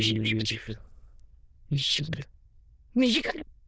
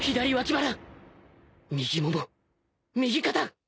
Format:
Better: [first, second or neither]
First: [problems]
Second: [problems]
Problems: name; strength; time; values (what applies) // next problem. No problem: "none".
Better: second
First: noise reduction (neural diffusion model UNIVERSE++)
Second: none